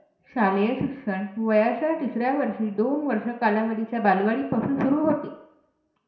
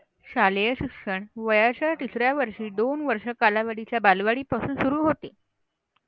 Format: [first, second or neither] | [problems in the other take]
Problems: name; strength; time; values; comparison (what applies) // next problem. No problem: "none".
second | room echo; dies away in 0.6 s